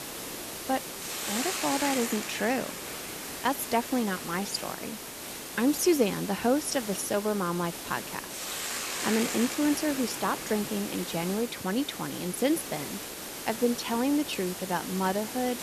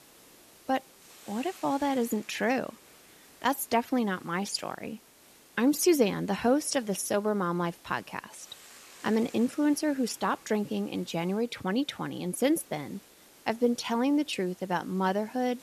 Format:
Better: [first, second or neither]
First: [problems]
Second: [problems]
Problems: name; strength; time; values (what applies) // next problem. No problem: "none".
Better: second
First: hiss; loud; throughout; 5 dB below the speech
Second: hiss; faint; throughout; 25 dB below the speech